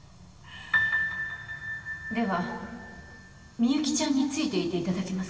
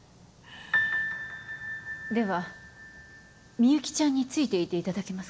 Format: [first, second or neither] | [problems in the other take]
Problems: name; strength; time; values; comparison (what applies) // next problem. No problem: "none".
second | room echo; dies away in 2.3 s